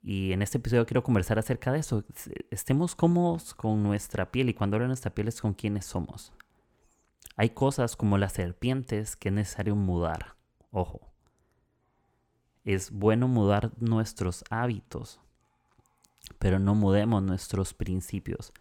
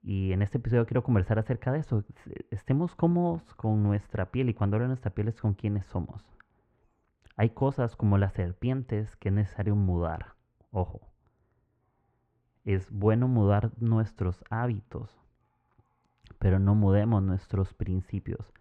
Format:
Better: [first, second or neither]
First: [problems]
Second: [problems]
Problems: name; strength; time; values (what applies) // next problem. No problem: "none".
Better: first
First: none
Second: muffled; very; fading above 2 kHz